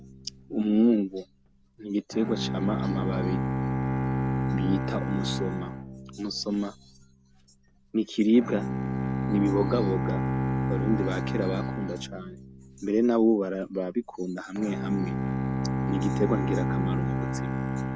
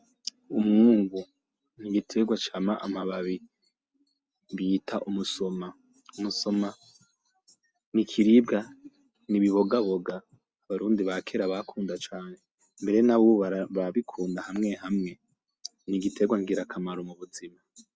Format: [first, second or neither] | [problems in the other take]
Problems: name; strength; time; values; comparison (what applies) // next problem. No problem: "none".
second | background sound (Bowed string instrument); 1 dB below the speech